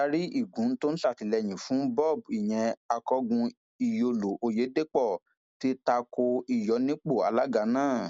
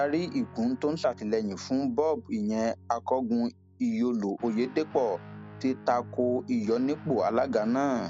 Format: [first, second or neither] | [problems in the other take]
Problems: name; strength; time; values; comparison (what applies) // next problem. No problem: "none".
first | background sound (Guitar); 18 dB below the speech